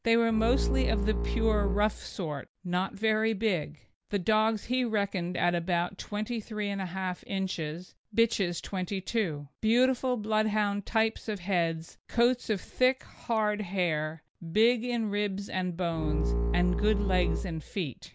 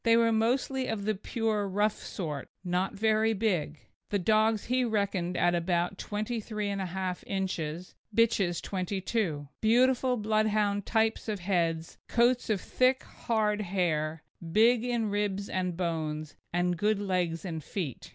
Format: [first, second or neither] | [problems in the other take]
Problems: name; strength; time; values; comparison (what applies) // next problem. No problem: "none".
second | background sound (Bowed string instrument); as loud as the speech